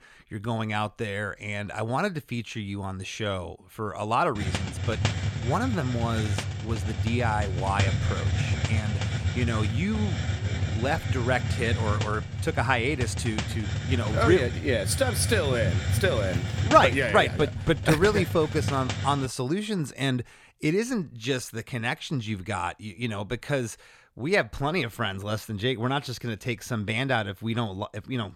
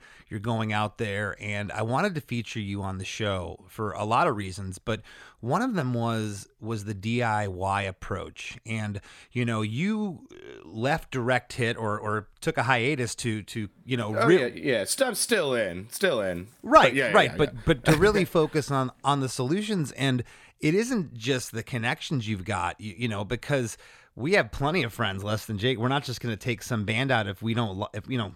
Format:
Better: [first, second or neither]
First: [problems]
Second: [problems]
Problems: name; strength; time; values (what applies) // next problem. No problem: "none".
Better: second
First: hiss; loud; from 4.5 to 19 s; 2 dB below the speech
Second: none